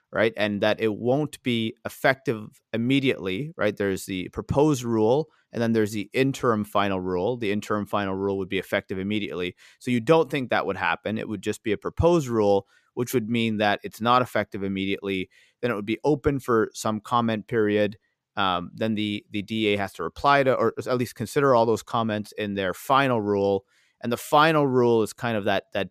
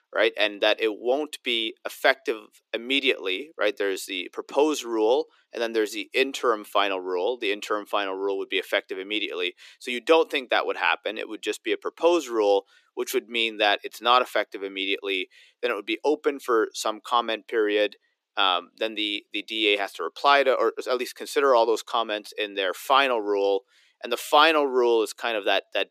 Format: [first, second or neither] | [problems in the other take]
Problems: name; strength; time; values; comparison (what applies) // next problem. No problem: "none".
first | thin; somewhat; fading below 300 Hz